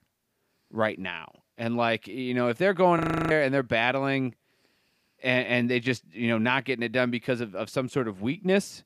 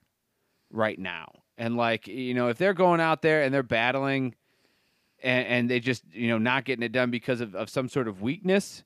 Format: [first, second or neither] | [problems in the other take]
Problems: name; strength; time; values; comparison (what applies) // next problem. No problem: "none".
second | audio freezing; at 3 s